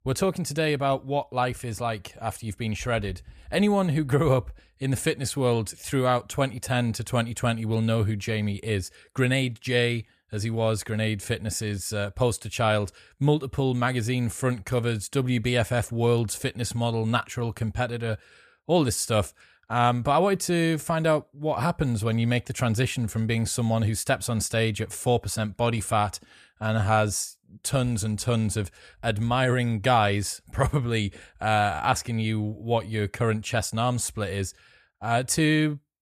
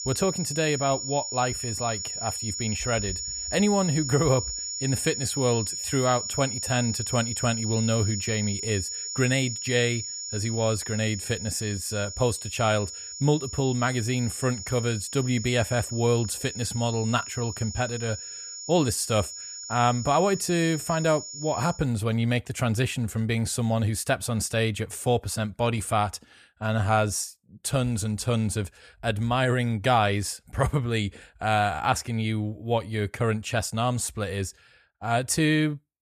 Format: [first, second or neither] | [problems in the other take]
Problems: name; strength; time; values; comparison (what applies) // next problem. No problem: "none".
first | high-pitched whine; loud; until 22 s; 7 kHz, 6 dB below the speech